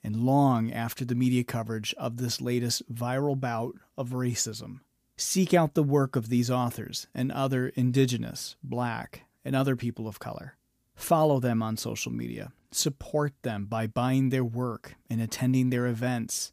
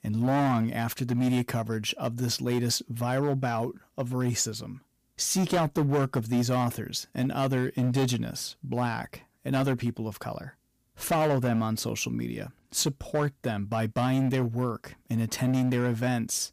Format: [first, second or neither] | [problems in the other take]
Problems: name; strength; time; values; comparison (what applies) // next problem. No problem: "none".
first | distortion; slight; 9% of the sound clipped